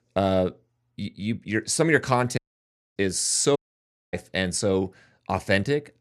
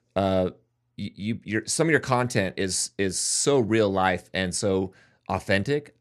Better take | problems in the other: second | audio cutting out; at 2.5 s for 0.5 s and at 3.5 s for 0.5 s

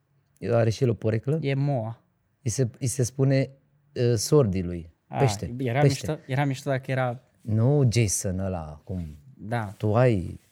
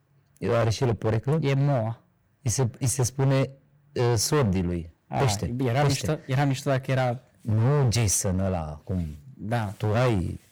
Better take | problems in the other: first | distortion; heavy; 14% of the sound clipped

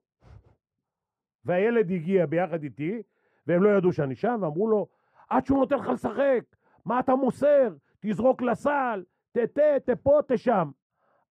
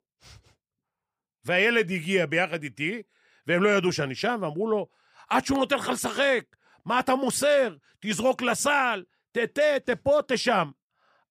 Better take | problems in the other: second | muffled; very; fading above 2 kHz

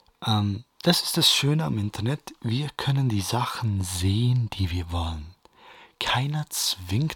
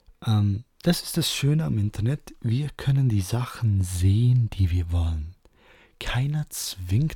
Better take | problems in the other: second | thin; somewhat; fading below 400 Hz

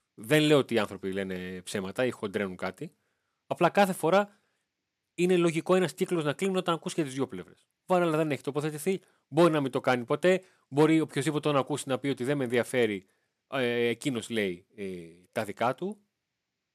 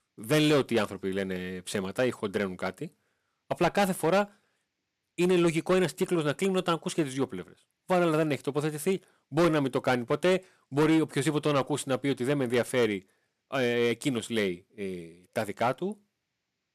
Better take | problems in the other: first | distortion; slight; 5% of the sound clipped

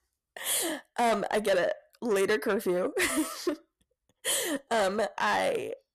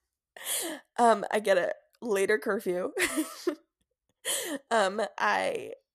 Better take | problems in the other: second | distortion; heavy; 8 dB below the speech

